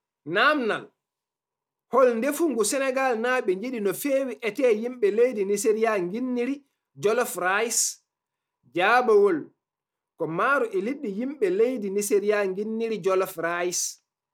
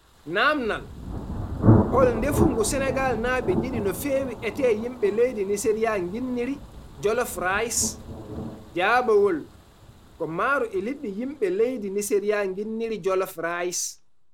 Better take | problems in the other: first | background sound (Thunder); 5 dB below the speech

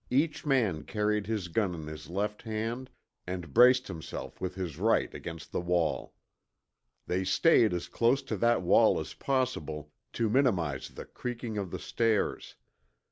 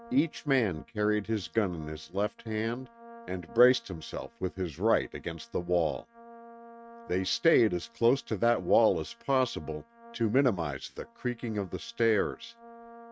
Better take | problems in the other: first | noise reduction (neural mask model RNNoise)

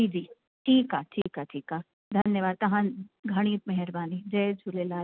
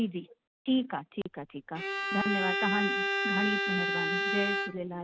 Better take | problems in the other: first | background sound (Bowed string instrument); 2 dB above the speech

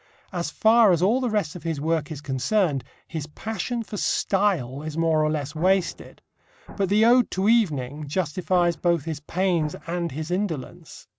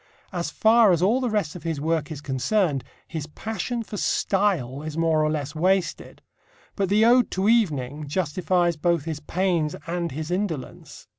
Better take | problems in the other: second | noise reduction (neural mask model RNNoise)

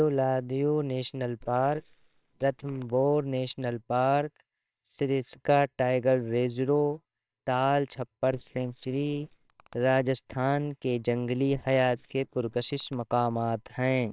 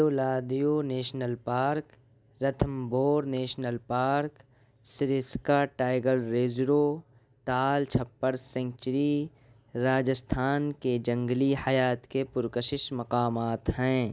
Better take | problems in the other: second | noise reduction (neural separator model SepFormer WHAMR!)

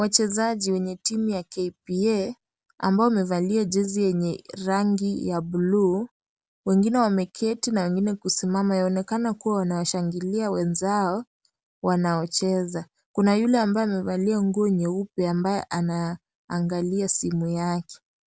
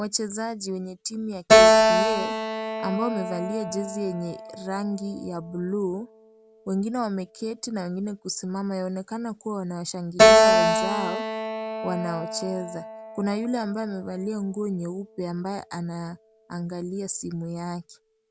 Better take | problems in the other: first | background sound (Keyboard (musical)); 4 dB above the speech

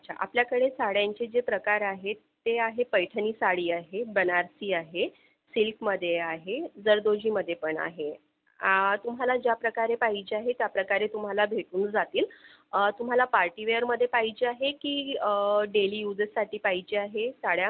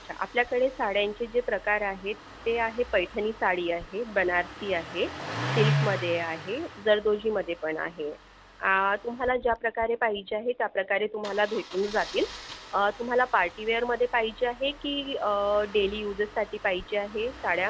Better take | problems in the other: first | background sound (Engine starting); 10 dB below the speech

